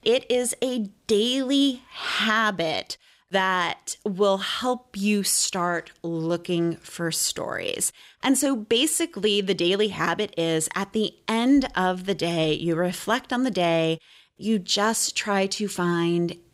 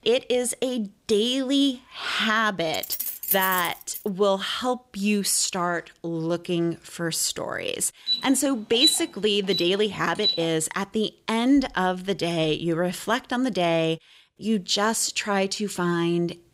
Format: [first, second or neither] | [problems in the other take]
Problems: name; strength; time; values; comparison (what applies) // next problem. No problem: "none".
first | jangling keys; loud; from 2.5 to 4 s; peak level with the speech // alarm; loud; from 8 to 10 s; peak 4 dB above the speech